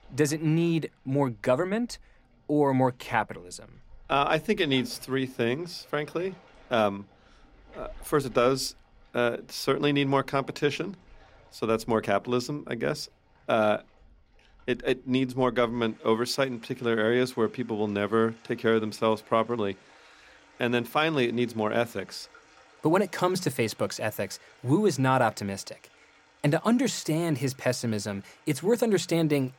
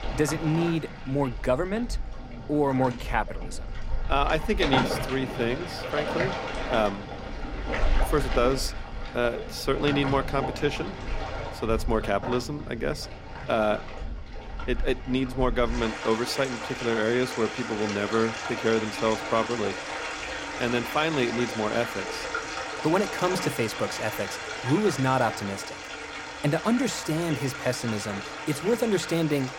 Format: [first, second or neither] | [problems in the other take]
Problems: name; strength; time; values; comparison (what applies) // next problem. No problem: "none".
first | rain or running water; loud; throughout; 6 dB below the speech; faint in the first